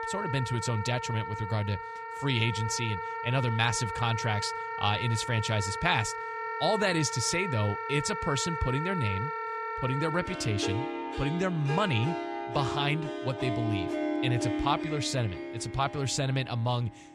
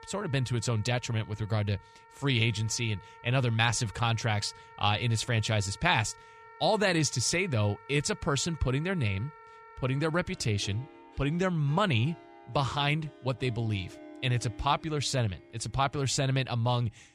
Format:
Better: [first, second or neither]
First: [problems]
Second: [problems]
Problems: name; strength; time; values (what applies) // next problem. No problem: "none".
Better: second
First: background music; loud; throughout; 4 dB below the speech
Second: background music; faint; throughout; 20 dB below the speech